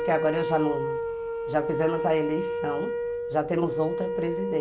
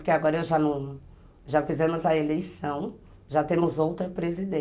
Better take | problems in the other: second | background sound (Wind instrument, woodwind instrument); 1 dB below the speech

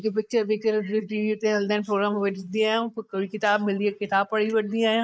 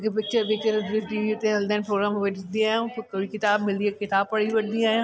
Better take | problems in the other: second | noise reduction (neural mask model Resemble Enhance denoiser)

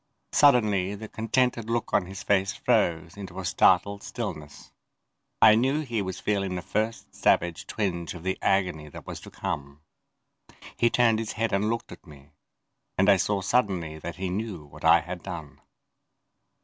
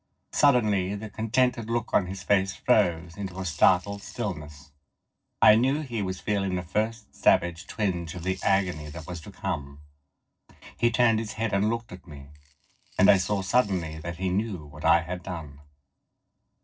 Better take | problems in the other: first | noise reduction (neural separator model SepFormer DNS4)

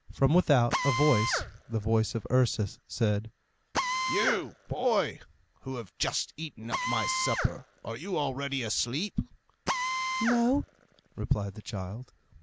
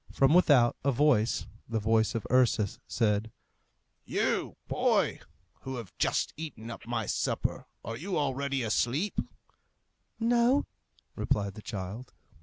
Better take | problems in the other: second | background sound (Drill); 6 dB below the speech

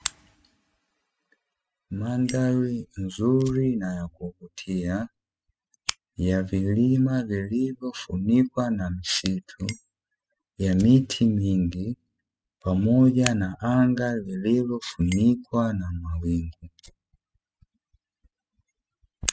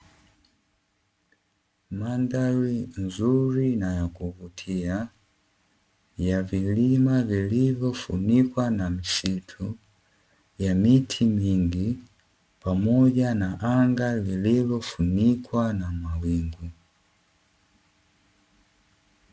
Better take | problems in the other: second | noise reduction (classical method spectral subtraction)

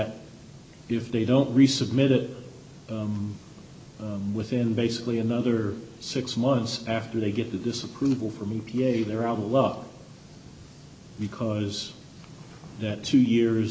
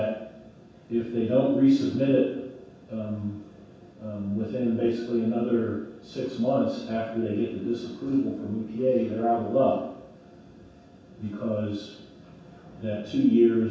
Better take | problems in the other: first | room echo; dies away in 0.7 s

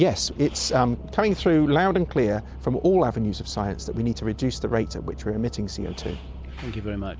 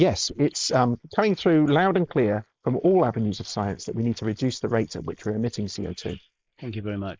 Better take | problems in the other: first | noise reduction (neural mask model Resemble Enhance denoiser)

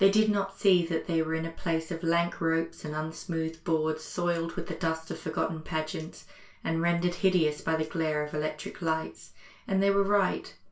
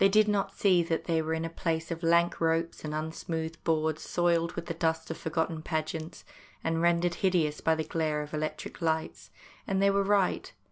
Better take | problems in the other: second | room echo; dies away in 0.3 s

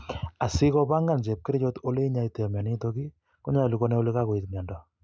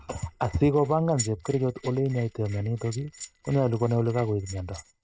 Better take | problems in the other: first | noise reduction (neural mask model RNNoise)

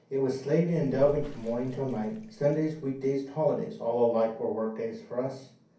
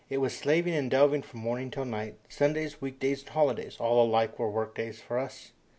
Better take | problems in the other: second | background sound (Bathtub (filling or washing) / Water / Splash, splatter); 15 dB below the speech // room echo; dies away in 0.6 s

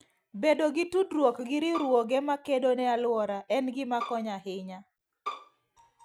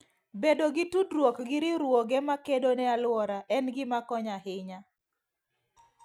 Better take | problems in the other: second | background sound (Bowed string instrument); 12 dB below the speech

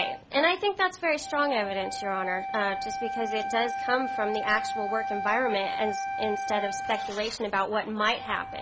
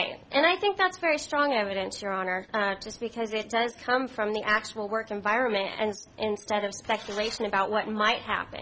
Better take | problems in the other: second | background sound (Wind instrument, woodwind instrument); 5 dB below the speech

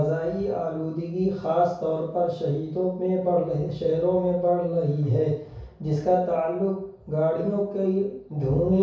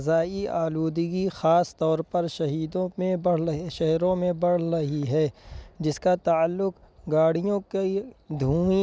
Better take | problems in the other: second | room echo; dies away in 0.6 s

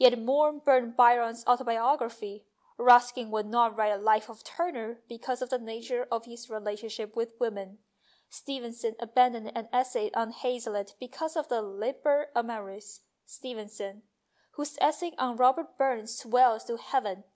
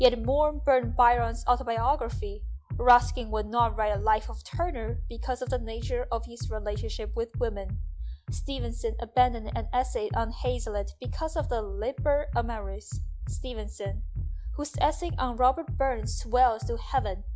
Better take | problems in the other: first | noise reduction (classical method log-MMSE)

